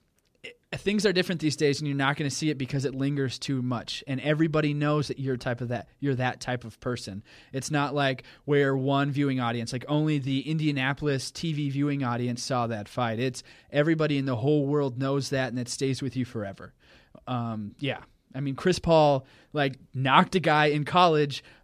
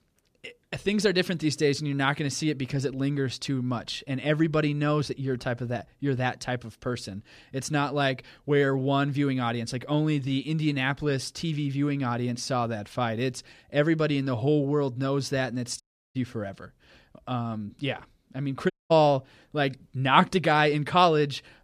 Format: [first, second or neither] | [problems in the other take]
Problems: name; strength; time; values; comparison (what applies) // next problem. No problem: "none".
first | audio cutting out; at 16 s and at 19 s